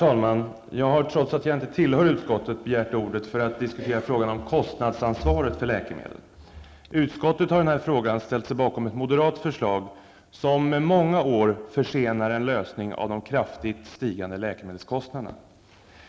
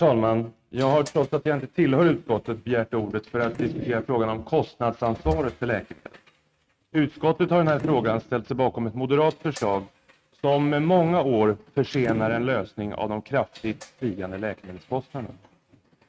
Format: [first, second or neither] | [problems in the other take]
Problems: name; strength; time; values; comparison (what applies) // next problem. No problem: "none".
first | noise reduction (neural mask model RNNoise)